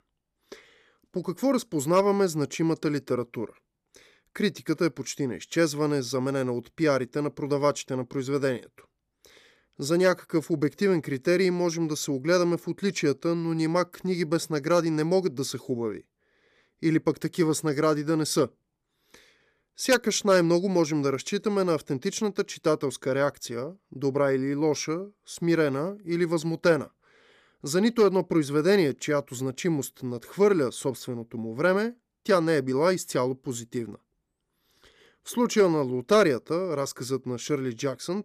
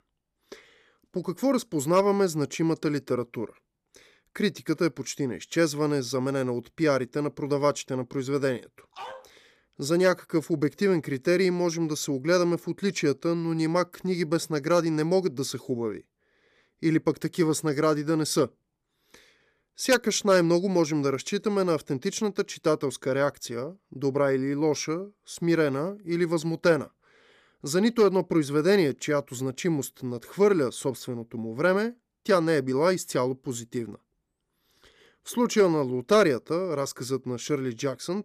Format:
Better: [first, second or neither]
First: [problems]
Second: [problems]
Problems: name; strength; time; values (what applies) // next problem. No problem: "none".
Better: first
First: none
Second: dog barking; faint; at 9 s; peak 15 dB below the speech